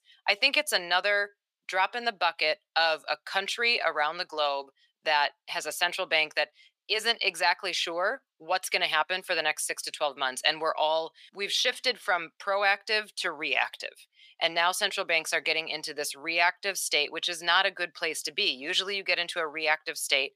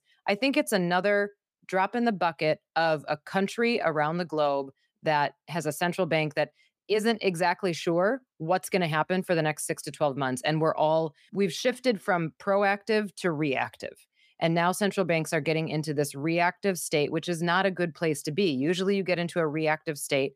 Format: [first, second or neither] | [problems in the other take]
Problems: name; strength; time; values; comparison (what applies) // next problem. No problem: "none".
second | thin; very; fading below 750 Hz